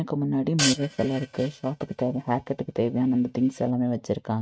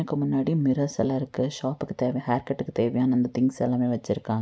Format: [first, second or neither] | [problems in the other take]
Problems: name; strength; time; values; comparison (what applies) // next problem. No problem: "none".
second | noise reduction (neural mask model RNNoise)